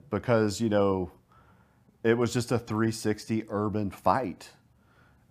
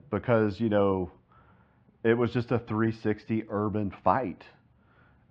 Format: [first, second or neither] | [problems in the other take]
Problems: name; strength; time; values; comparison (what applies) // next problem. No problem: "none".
first | muffled; very; fading above 3.5 kHz